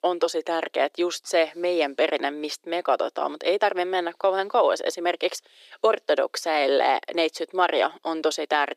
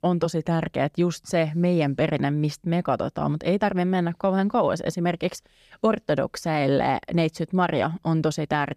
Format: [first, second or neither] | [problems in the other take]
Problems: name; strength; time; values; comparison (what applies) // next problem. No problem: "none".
second | thin; very; fading below 350 Hz